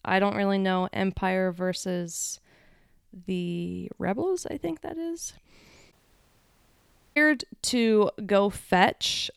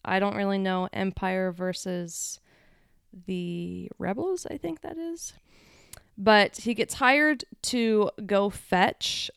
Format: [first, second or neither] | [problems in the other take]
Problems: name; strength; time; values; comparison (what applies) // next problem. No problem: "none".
second | audio cutting out; at 6 s for 1 s